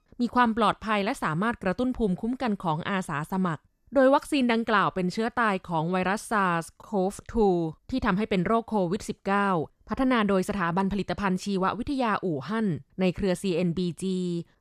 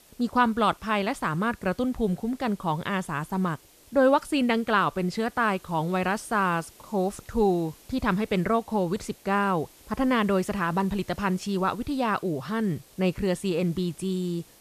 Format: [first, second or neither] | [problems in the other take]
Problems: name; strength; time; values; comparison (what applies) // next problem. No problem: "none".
first | hiss; faint; throughout; 25 dB below the speech